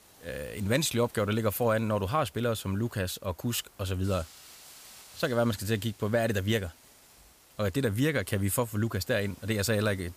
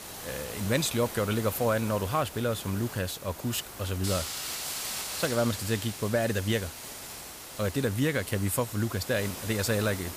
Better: first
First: hiss; faint; throughout; 25 dB below the speech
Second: hiss; loud; throughout; 8 dB below the speech

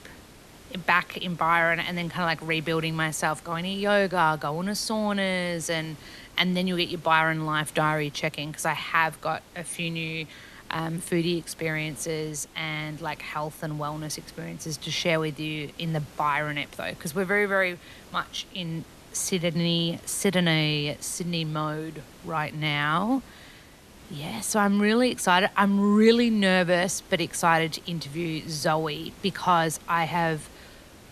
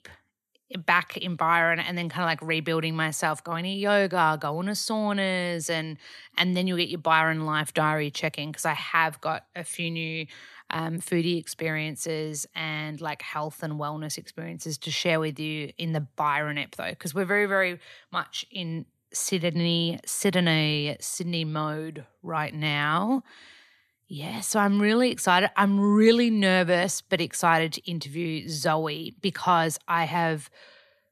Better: second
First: hiss; faint; throughout; 25 dB below the speech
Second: none

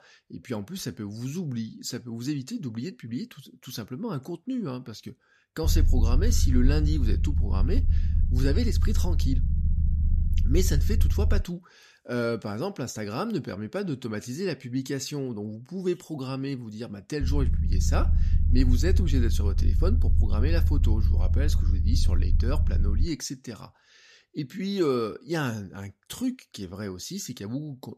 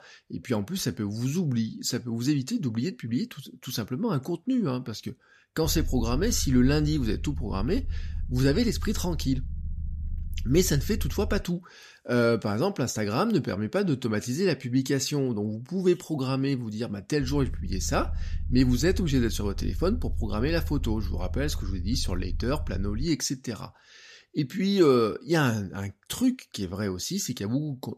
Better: second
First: low rumble; loud; from 5.5 to 11 s and from 17 to 23 s; 9 dB below the speech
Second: low rumble; faint; from 5.5 to 11 s and from 17 to 23 s; 20 dB below the speech

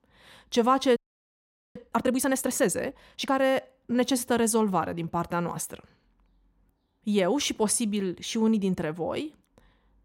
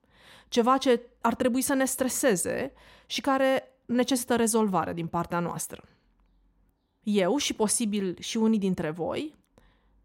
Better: second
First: audio freezing; at 1 s for 1 s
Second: none

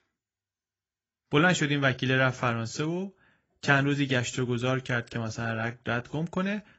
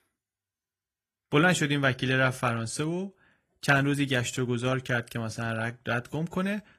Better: second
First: garbled, watery; badly; nothing above 7.5 kHz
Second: garbled, watery; slightly; nothing above 14.5 kHz

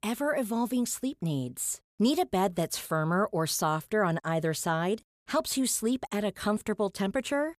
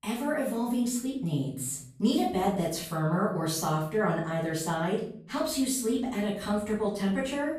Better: first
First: none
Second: off-mic speech; far // room echo; noticeable; dies away in 0.6 s

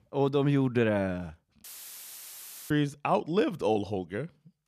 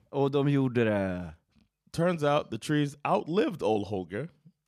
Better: second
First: audio cutting out; filled with static; at 1.5 s for 1 s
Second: none

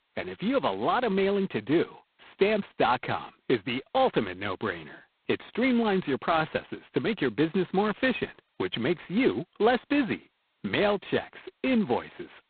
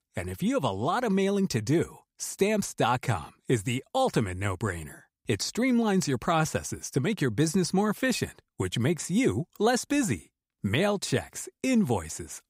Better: second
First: phone-call audio; poor line; nothing above 4 kHz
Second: none

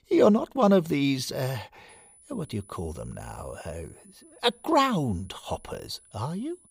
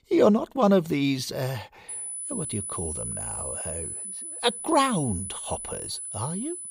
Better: first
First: high-pitched whine; faint; from 2 s on; 10 kHz, 25 dB below the speech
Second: high-pitched whine; loud; from 2 s on; 10 kHz, 6 dB below the speech

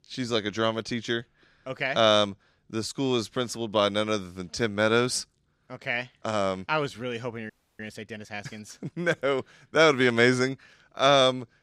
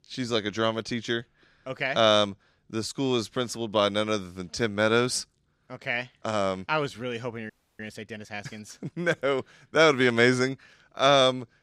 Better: neither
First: audio freezing; at 7.5 s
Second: audio freezing; at 7.5 s

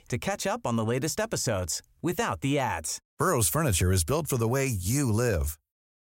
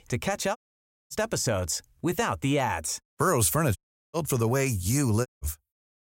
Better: first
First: none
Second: audio cutting out; at 0.5 s for 0.5 s, at 4 s and at 5.5 s

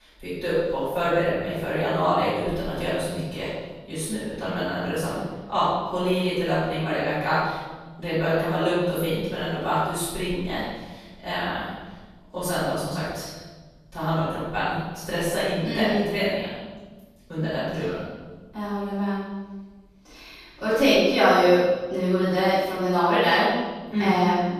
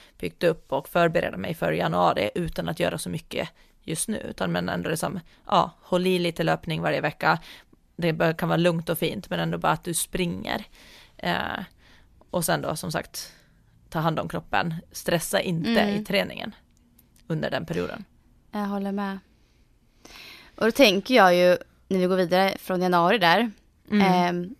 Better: second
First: off-mic speech; far // room echo; strong; dies away in 1.2 s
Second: none

